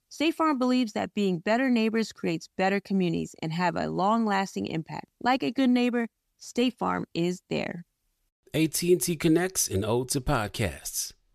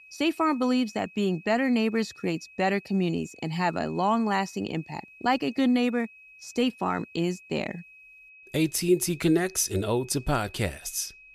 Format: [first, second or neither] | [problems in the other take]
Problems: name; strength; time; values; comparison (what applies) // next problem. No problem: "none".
first | high-pitched whine; faint; throughout; 2.5 kHz, 20 dB below the speech